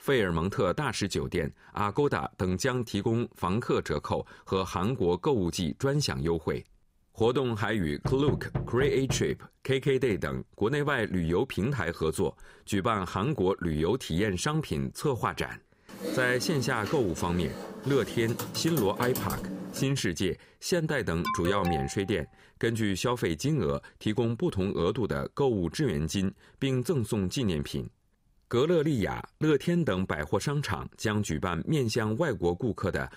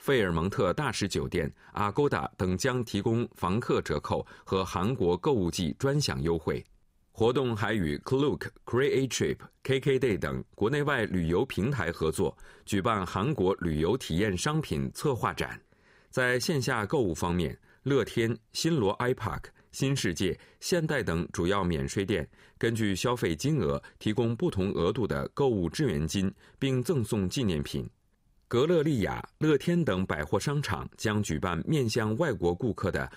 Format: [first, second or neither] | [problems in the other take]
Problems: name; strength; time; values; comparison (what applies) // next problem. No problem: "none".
second | door banging; noticeable; from 8 to 9.5 s; peak 4 dB below the speech // keyboard typing; noticeable; from 16 to 20 s; peak 5 dB below the speech // alarm; noticeable; at 21 s; peak 3 dB below the speech